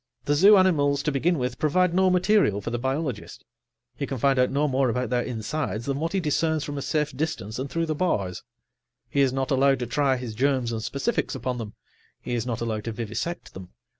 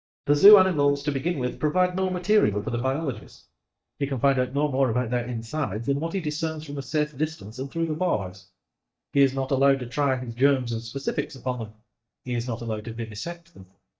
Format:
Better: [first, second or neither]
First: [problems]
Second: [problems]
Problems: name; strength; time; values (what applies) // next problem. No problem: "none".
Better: first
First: none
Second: noise reduction (neural mask model DeepFilterNet 3)